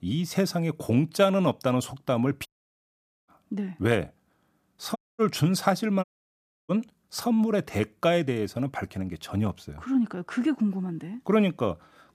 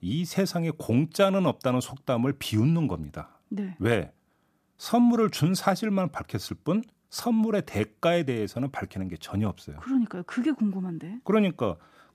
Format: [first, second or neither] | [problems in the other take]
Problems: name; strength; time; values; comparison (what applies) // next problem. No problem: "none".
second | audio cutting out; at 2.5 s for 1 s, at 5 s and at 6 s for 0.5 s